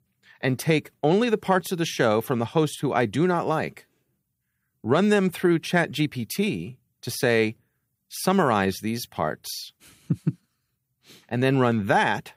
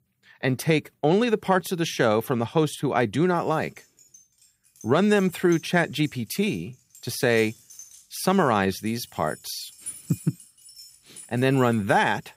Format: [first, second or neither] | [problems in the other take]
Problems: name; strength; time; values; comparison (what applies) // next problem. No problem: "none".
first | jangling keys; faint; from 4 s on; peak 10 dB below the speech